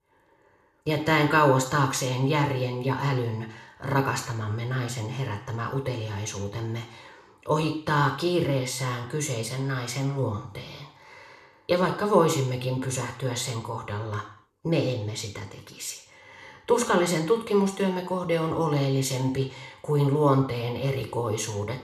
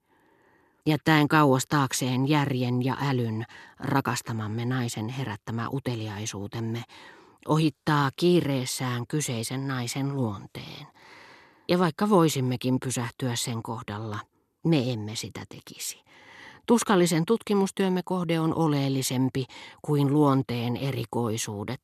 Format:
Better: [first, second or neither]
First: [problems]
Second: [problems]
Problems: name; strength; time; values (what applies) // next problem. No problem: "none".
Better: second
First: room echo; slight; dies away in 0.5 s // off-mic speech; somewhat distant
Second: none